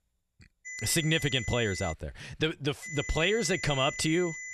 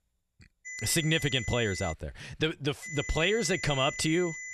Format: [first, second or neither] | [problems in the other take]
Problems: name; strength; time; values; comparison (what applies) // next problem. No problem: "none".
neither | high-pitched whine; loud; from 0.5 to 2 s and from 3 s on; 2 kHz, 9 dB below the speech; the same in both